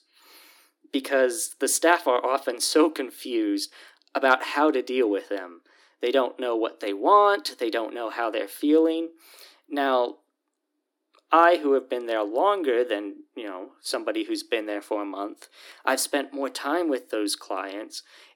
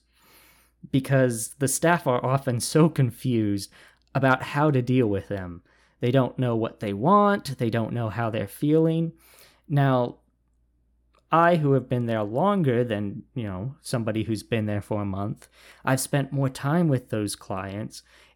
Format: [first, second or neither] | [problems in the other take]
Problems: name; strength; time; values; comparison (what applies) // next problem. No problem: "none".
second | thin; somewhat; fading below 300 Hz